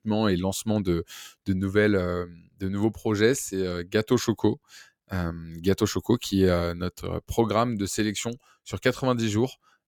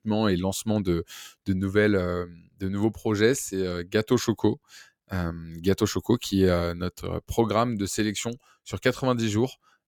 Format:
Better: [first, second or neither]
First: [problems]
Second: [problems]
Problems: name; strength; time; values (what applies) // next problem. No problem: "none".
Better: neither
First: none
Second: none